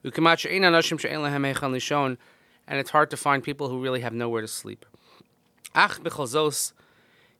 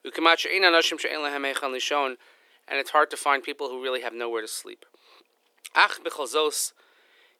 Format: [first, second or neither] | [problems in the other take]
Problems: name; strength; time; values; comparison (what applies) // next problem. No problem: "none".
first | thin; somewhat; fading below 350 Hz